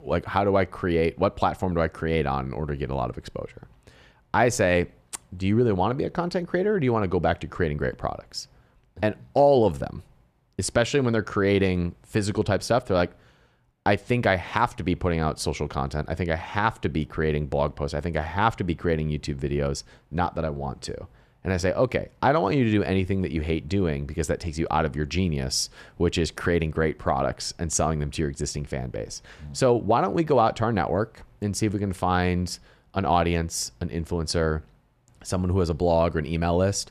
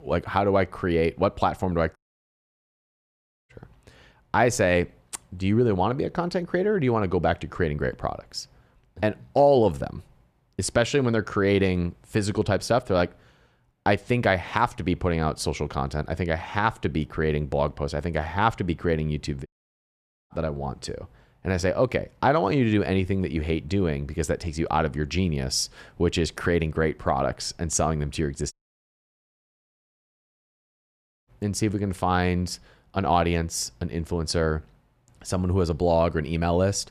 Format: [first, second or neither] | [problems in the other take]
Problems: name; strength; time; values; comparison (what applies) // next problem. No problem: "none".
first | audio cutting out; at 2 s for 1.5 s, at 19 s for 1 s and at 29 s for 3 s